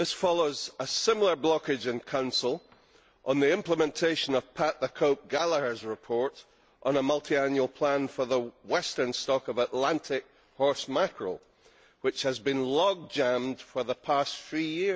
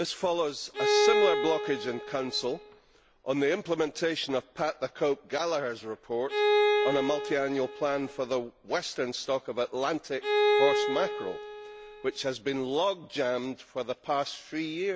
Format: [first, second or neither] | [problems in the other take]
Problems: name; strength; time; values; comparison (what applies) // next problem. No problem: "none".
first | background sound (Bowed string instrument); 1 dB above the speech